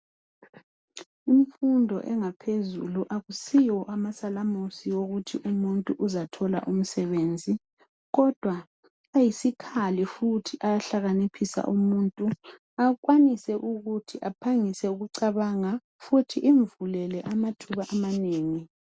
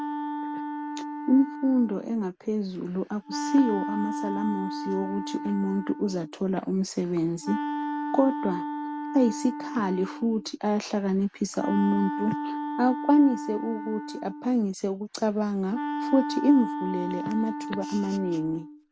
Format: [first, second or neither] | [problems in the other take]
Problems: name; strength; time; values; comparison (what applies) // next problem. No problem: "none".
first | background sound (Wind instrument, woodwind instrument); 7 dB below the speech